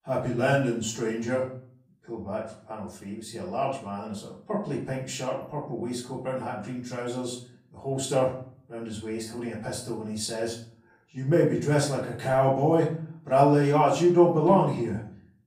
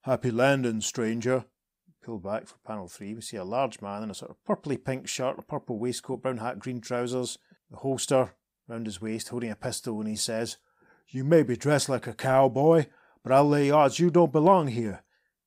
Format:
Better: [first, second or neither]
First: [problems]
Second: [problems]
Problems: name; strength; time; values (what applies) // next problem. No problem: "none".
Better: second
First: off-mic speech; far // room echo; slight; dies away in 0.5 s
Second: none